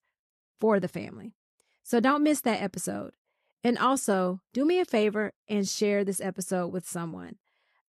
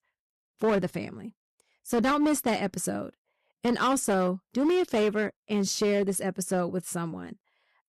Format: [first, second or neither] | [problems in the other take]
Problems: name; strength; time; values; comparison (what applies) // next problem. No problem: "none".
first | distortion; slight; 8% of the sound clipped